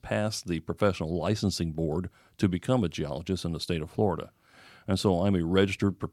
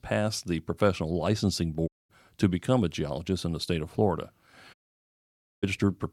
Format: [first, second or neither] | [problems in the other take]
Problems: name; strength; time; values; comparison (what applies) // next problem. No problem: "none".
first | audio cutting out; at 2 s and at 4.5 s for 1 s